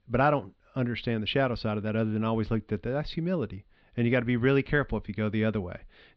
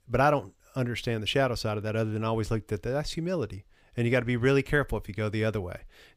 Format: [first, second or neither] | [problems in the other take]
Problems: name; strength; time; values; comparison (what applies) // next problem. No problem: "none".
second | muffled; very slightly; fading above 4 kHz